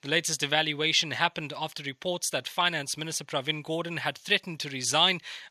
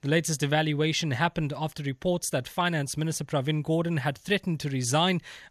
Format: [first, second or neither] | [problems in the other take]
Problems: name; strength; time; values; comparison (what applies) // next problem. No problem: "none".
second | thin; somewhat; fading below 850 Hz